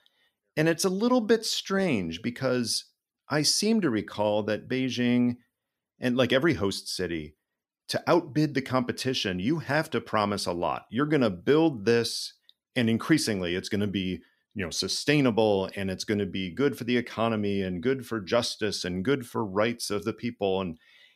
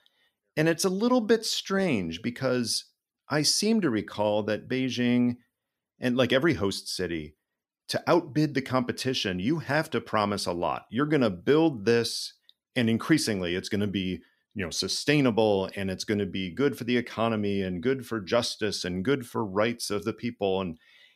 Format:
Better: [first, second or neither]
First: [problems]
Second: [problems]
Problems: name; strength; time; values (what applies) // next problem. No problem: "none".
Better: neither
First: none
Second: none